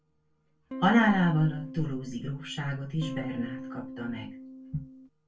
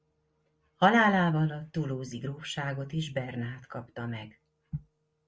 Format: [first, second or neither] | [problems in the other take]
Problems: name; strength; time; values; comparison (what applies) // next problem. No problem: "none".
second | background sound (Electric guitar / Strum); 11 dB below the speech // room echo; dies away in 0.2 s